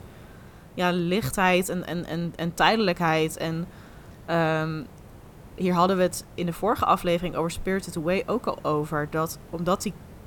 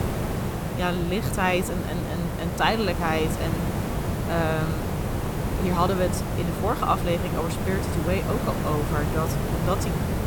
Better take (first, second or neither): first